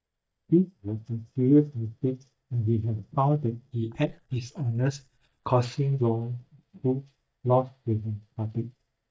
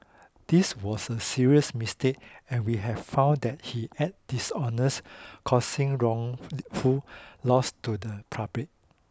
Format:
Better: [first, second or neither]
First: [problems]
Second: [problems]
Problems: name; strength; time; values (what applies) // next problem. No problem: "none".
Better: second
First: noise reduction (neural mask model DeepFilterNet 3)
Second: none